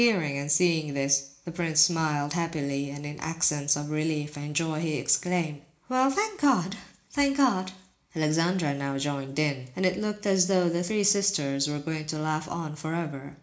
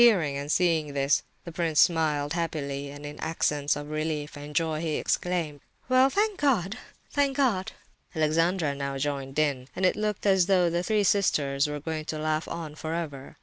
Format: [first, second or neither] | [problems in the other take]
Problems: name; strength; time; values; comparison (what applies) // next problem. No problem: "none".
second | room echo; dies away in 0.4 s